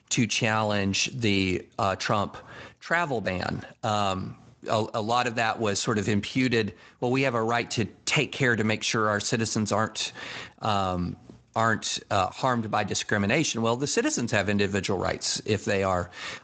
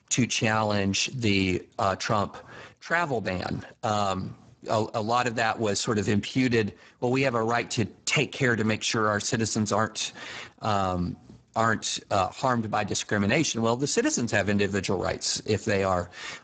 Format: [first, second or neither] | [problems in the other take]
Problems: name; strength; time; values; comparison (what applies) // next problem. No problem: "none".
first | garbled, watery; badly; nothing above 7.5 kHz; slightly in the first